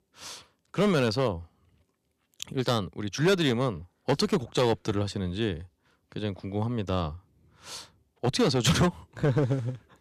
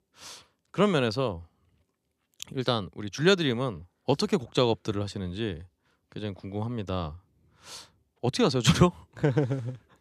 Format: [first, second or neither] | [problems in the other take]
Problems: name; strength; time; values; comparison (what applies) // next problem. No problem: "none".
second | distortion; heavy; 3% of the sound clipped